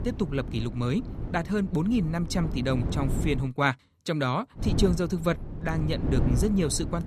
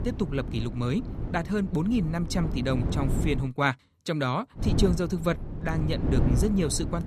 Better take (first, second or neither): first